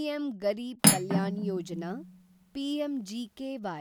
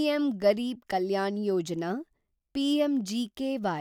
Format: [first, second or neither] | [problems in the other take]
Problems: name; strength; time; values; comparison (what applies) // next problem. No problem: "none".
second | background sound (Cutlery, silverware); 4 dB above the speech